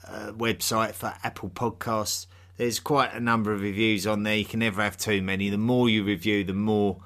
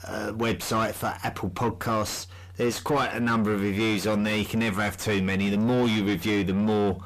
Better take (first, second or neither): first